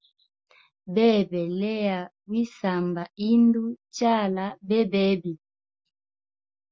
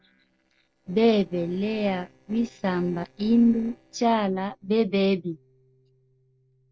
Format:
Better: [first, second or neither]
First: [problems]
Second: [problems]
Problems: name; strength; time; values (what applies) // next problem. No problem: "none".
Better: first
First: none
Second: noise reduction (neural separator model SepFormer DNS4)